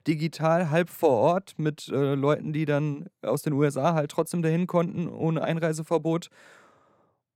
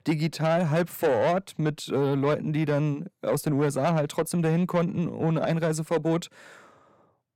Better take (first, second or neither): first